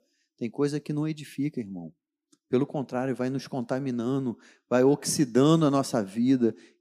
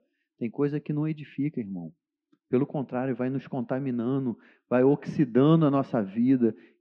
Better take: first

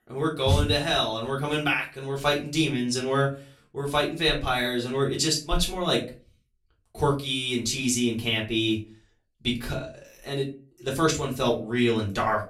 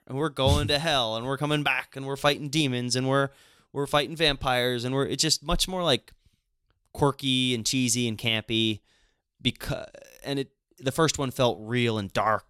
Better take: second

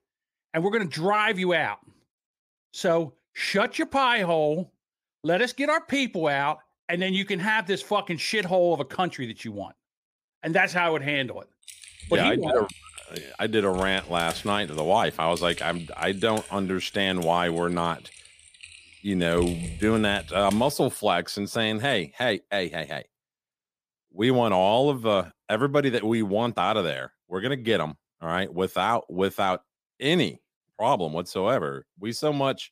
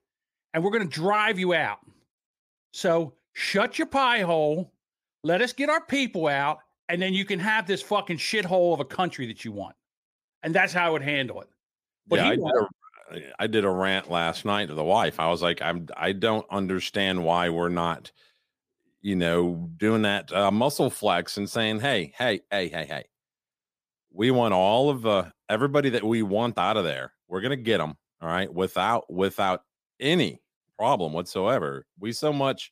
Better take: second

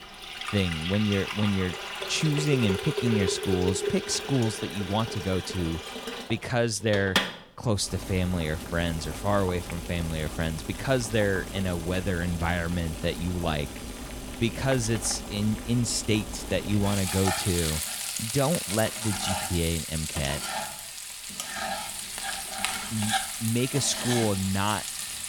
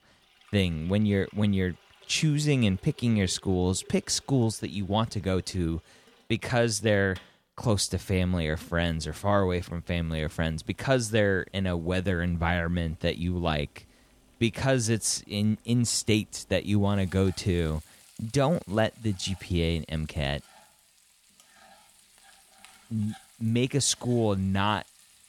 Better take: second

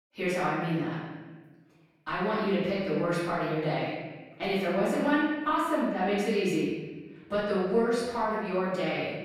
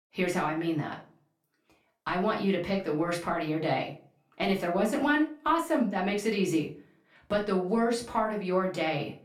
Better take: second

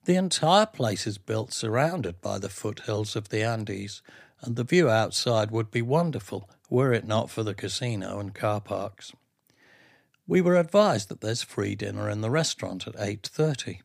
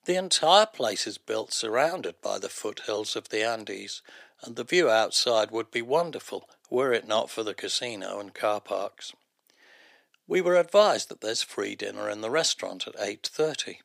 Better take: first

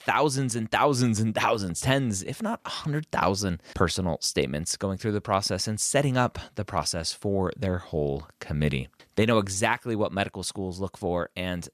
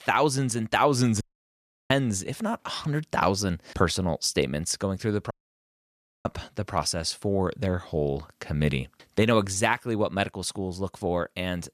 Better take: first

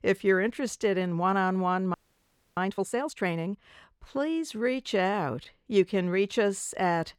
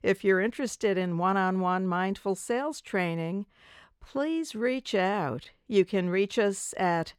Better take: second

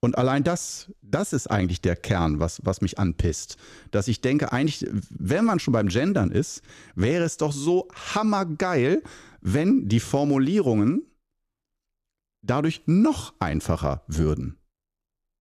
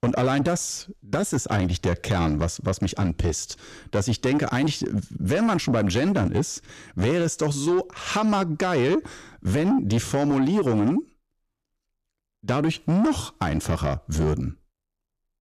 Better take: first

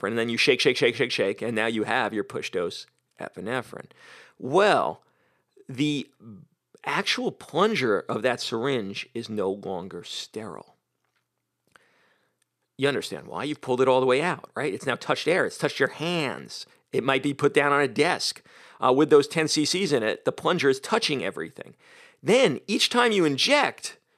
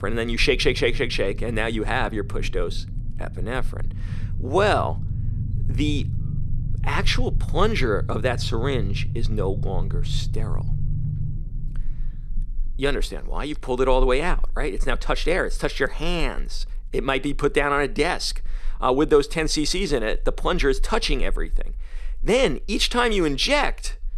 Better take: first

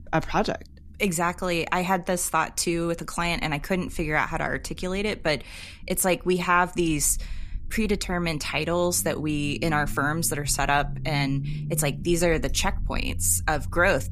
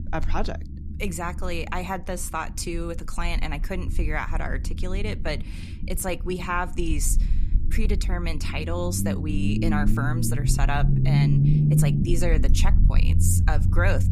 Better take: first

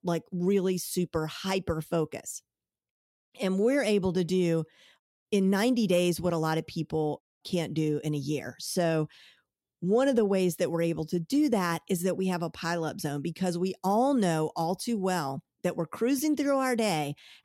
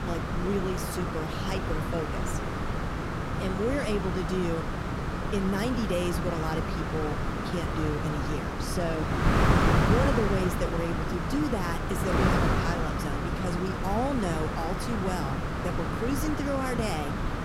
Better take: first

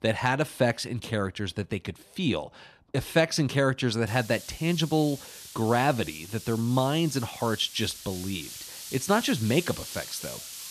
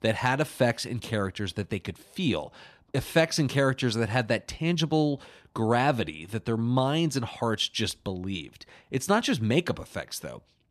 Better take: second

